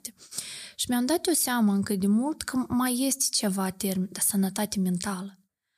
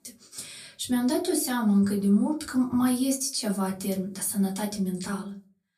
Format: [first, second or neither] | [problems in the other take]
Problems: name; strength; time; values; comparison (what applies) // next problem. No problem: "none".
first | off-mic speech; far // room echo; very slight; dies away in 0.3 s